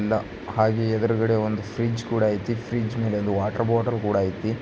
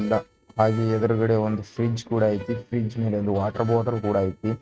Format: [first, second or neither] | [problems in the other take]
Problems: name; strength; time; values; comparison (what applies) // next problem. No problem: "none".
first | noise reduction (neural mask model RNNoise)